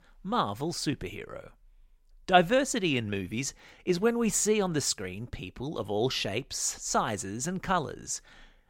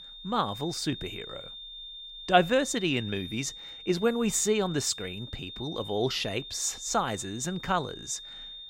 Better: first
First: none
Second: high-pitched whine; noticeable; throughout; 3.5 kHz, 10 dB below the speech

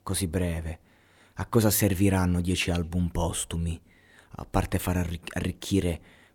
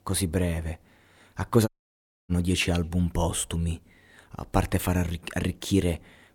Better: first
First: none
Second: audio cutting out; at 1.5 s for 0.5 s

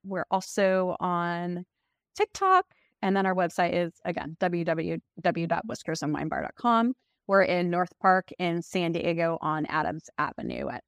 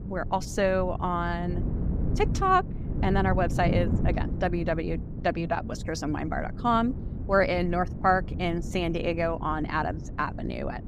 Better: first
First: none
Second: wind noise on the microphone; occasional gusts; 15 dB below the speech

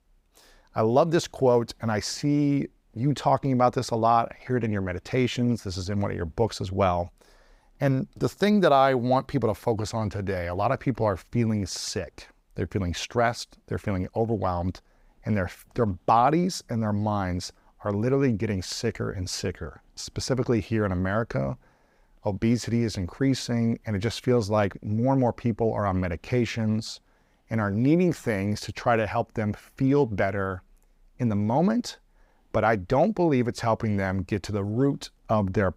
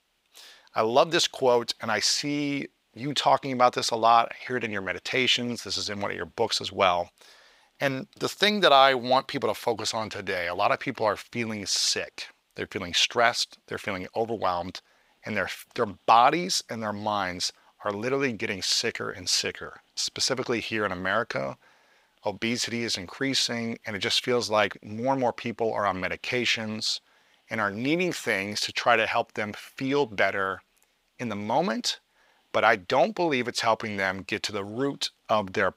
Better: first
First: none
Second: thin; somewhat; fading below 850 Hz

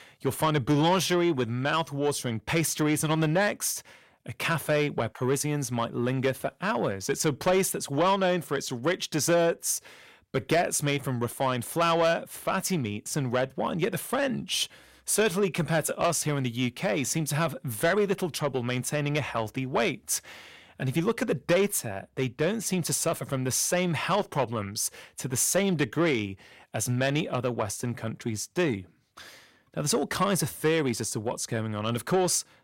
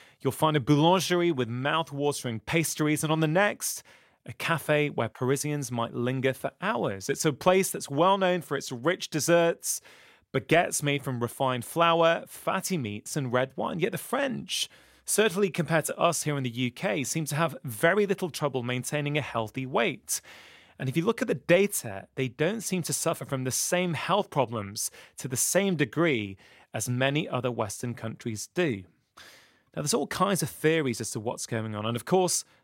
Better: second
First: distortion; slight; 10 dB below the speech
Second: none

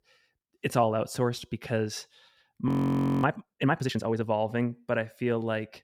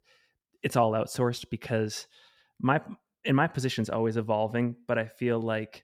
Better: second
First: audio freezing; at 2.5 s for 0.5 s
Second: none

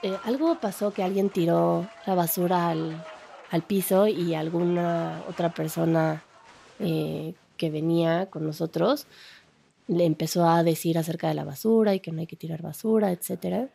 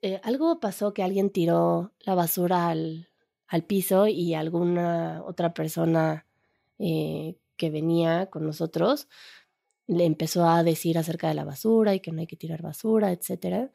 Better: second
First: crowd noise; faint; throughout; 20 dB below the speech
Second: none

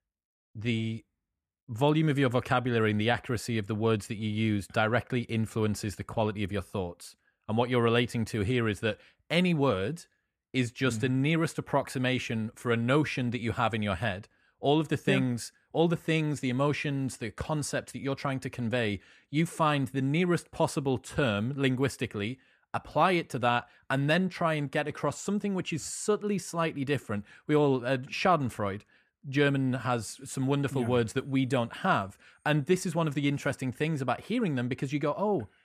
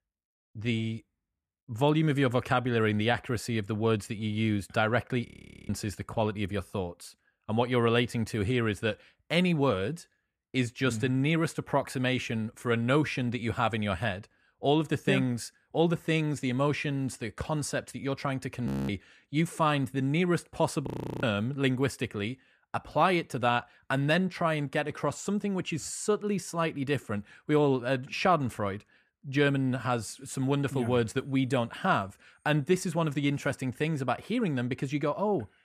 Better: first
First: none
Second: audio freezing; at 5.5 s, at 19 s and at 21 s

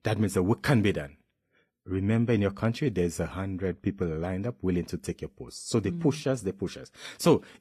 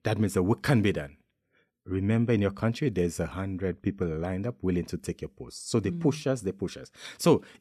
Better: second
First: garbled, watery; slightly; nothing above 15 kHz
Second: none

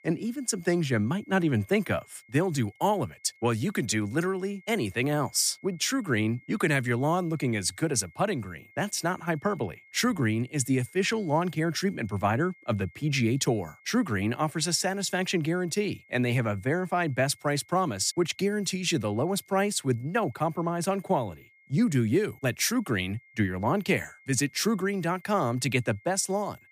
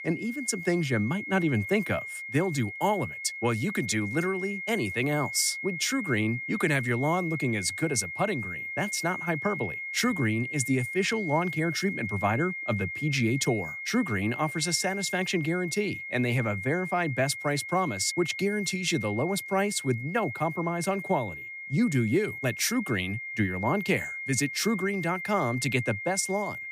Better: first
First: high-pitched whine; faint; throughout; 2 kHz, 30 dB below the speech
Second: high-pitched whine; loud; throughout; 2 kHz, 6 dB below the speech

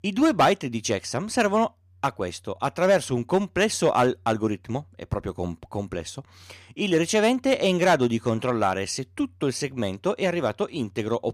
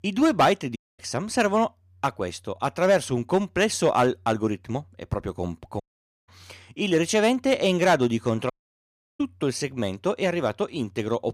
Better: first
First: none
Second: audio cutting out; at 1 s, at 6 s and at 8.5 s for 0.5 s

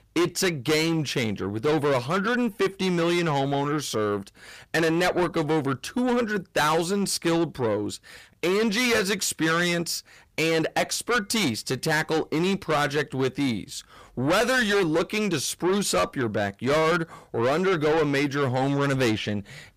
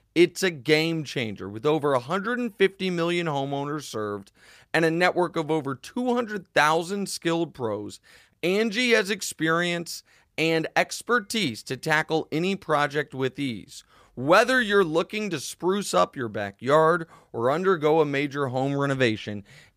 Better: second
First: distortion; heavy; 5 dB below the speech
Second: none

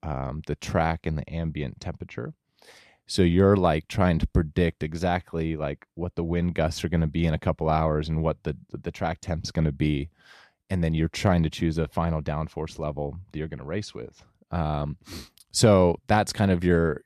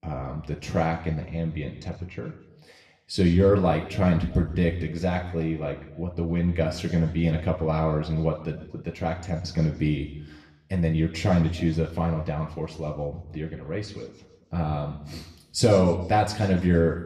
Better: first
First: none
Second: room echo; slight; dies away in 0.9 s // off-mic speech; somewhat distant

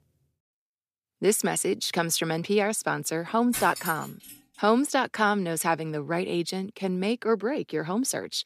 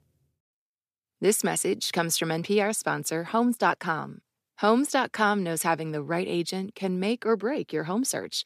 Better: second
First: clattering dishes; noticeable; at 3.5 s; peak 6 dB below the speech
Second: none

